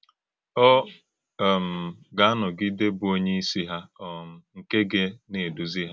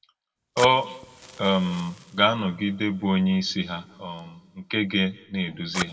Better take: first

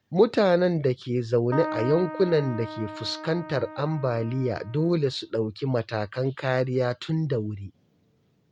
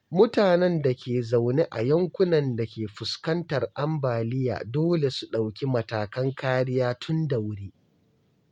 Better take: second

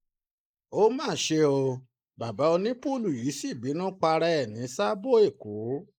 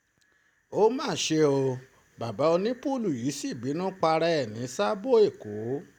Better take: second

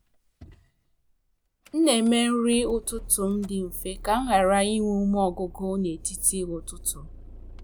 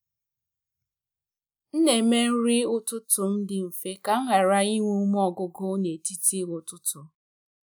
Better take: second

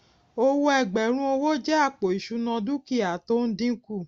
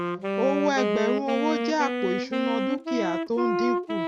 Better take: first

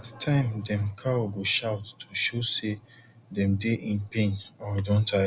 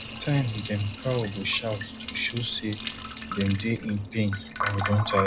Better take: first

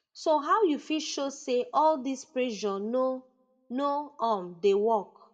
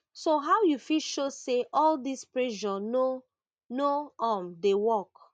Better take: second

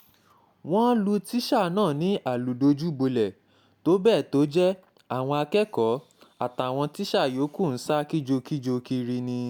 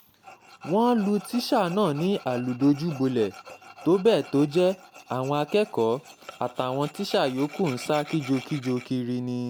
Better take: first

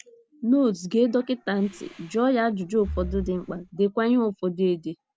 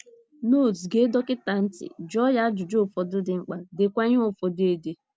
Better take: second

